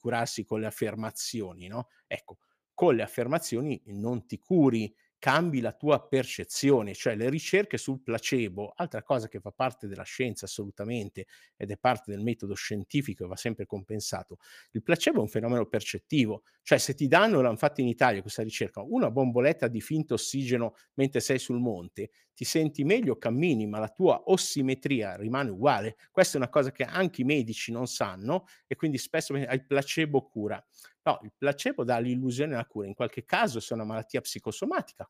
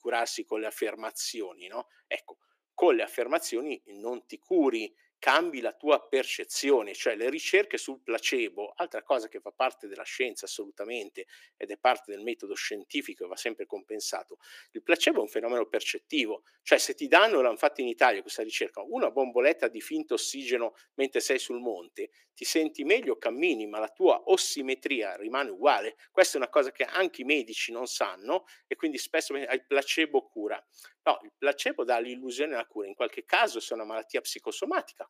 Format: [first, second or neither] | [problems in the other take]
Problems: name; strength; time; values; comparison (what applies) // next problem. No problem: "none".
first | thin; somewhat; fading below 300 Hz